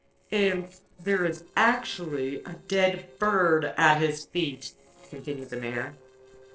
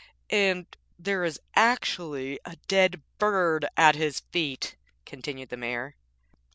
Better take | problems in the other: second | noise reduction (neural separator model SepFormer DNS4)

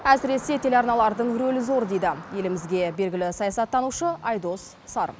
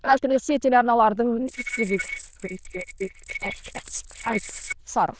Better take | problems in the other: first | noise reduction (neural diffusion model UNIVERSE++)

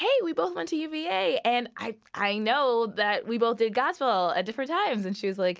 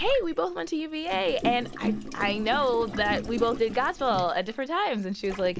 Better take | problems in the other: first | background sound (Gurgling); 8 dB below the speech

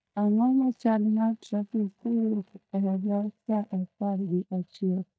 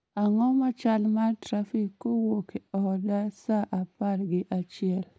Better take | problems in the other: second | noise reduction (neural mask model DeepFilterNet 3)

